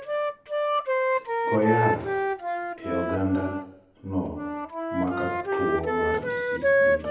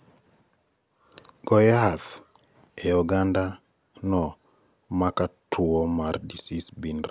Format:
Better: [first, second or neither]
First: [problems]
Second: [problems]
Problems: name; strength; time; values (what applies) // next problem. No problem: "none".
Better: second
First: background sound (Wind instrument, woodwind instrument); 4 dB above the speech // room echo; dies away in 0.8 s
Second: none